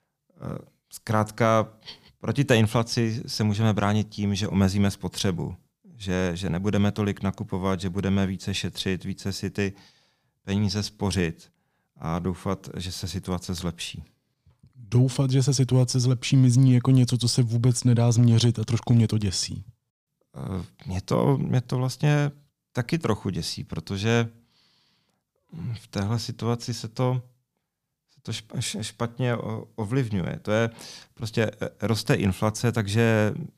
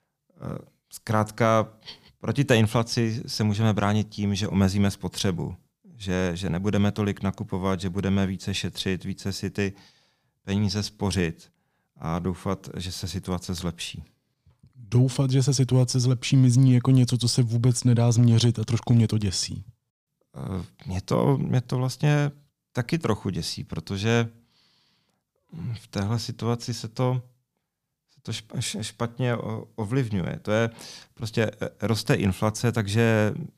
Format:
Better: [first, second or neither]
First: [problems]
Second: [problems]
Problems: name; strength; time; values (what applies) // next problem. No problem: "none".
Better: neither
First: none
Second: none